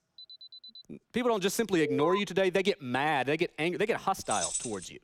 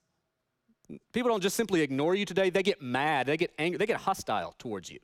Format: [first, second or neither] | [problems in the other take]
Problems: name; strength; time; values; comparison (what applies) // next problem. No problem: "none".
second | alarm; faint; at the start; peak 15 dB below the speech // alarm; noticeable; at 2 s; peak 3 dB below the speech // jangling keys; noticeable; at 4.5 s; peak 2 dB below the speech